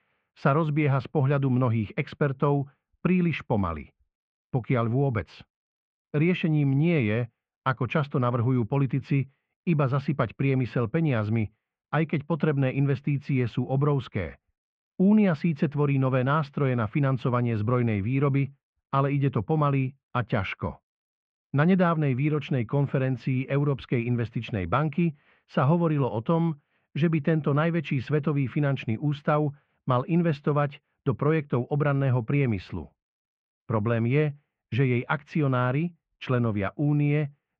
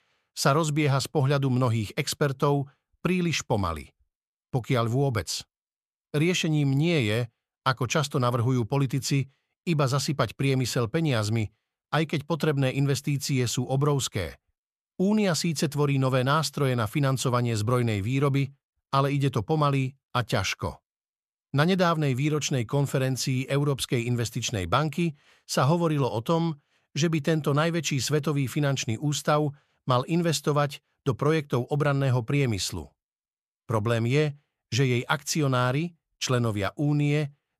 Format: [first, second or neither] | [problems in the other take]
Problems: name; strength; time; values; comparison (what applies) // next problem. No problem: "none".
second | muffled; very; fading above 2.5 kHz